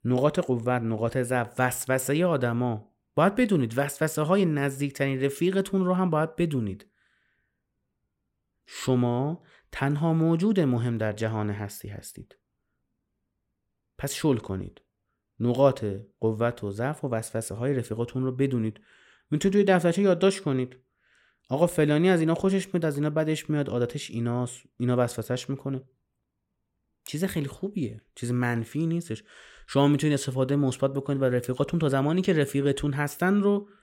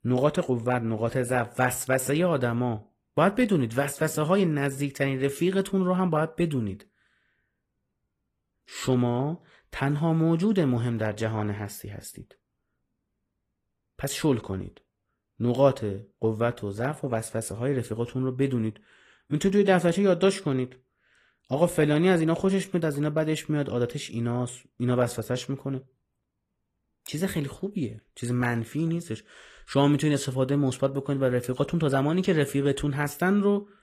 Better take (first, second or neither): first